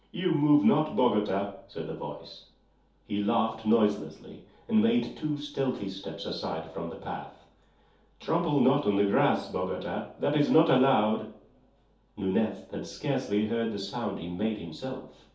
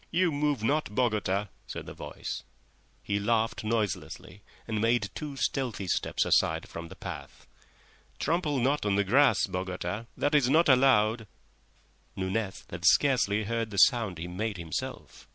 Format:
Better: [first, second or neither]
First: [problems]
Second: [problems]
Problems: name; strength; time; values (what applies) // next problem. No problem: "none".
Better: second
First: room echo; dies away in 0.5 s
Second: none